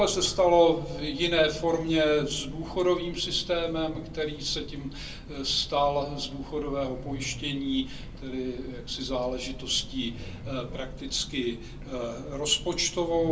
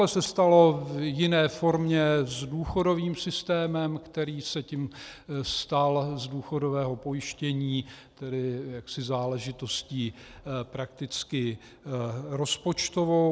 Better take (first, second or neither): second